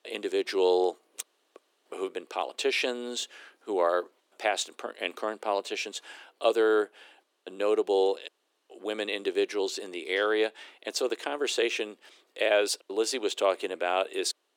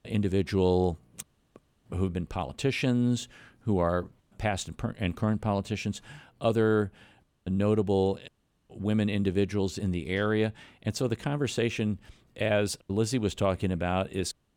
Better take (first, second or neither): second